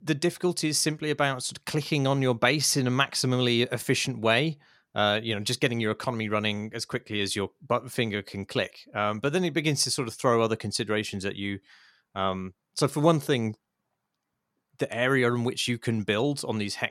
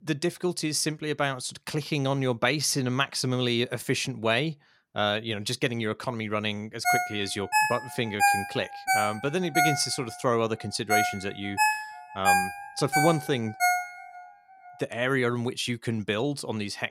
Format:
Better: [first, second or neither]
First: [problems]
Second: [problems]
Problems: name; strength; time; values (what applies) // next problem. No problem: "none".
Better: first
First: none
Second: phone ringing; loud; from 7 to 14 s; peak 5 dB above the speech